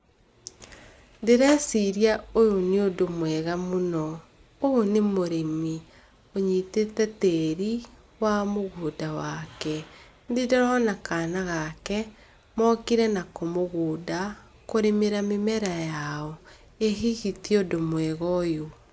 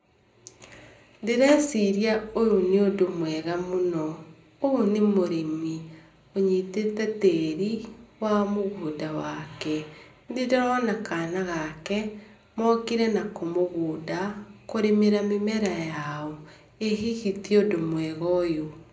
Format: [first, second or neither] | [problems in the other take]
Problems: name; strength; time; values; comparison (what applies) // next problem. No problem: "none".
first | room echo; dies away in 0.5 s